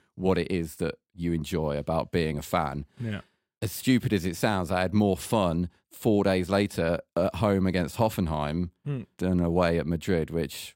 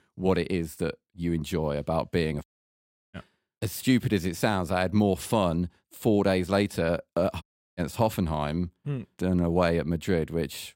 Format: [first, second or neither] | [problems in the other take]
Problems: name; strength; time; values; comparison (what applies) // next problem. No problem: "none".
first | audio cutting out; at 2.5 s for 0.5 s and at 7.5 s